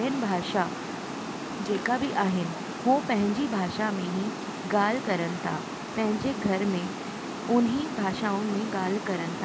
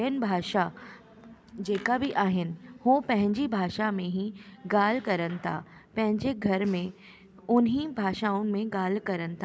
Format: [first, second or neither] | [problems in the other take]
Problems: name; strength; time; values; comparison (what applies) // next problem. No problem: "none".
second | background sound (Water); 6 dB below the speech